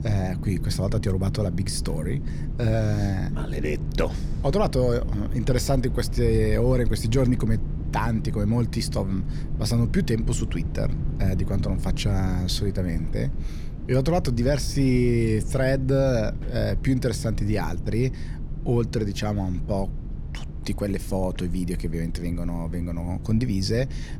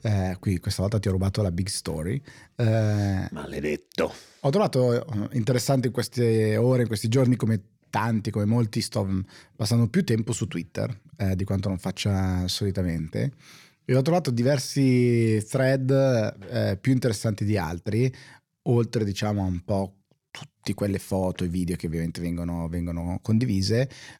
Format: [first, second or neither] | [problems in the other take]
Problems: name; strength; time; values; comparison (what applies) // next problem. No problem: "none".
second | low rumble; noticeable; throughout; 15 dB below the speech